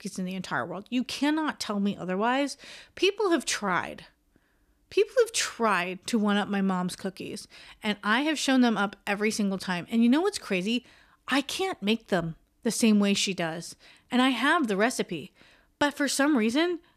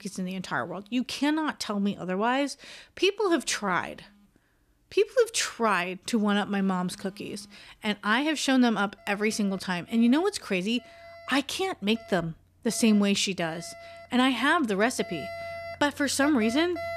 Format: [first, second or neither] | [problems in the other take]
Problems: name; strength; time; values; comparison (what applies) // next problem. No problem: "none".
first | alarms or sirens; noticeable; throughout; 20 dB below the speech